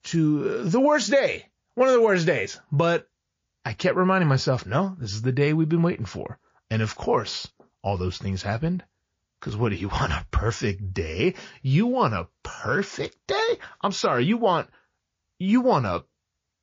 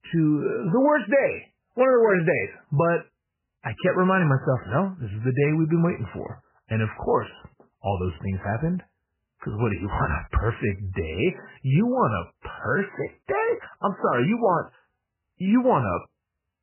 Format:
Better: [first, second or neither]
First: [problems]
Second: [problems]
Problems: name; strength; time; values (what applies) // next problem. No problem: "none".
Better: first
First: garbled, watery; slightly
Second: garbled, watery; badly; nothing above 3 kHz